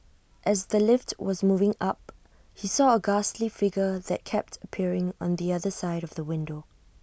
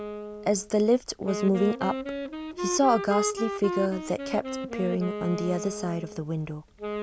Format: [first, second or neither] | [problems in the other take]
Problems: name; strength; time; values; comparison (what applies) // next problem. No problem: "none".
first | background sound (Wind instrument, woodwind instrument); 6 dB below the speech